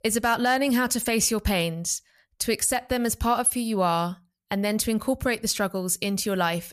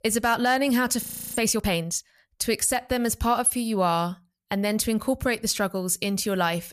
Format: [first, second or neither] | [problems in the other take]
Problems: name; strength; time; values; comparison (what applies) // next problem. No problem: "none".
first | audio freezing; at 1 s